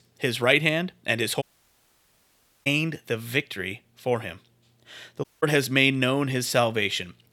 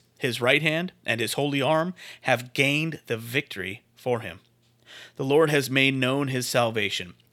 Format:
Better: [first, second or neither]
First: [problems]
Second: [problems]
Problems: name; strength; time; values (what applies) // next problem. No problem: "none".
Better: second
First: audio cutting out; at 1.5 s for 1 s and at 5 s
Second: none